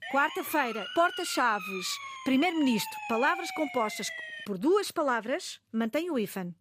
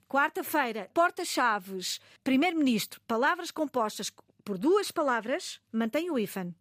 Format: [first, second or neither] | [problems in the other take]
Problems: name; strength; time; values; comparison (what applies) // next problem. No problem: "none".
second | siren; noticeable; until 4.5 s; peak 6 dB below the speech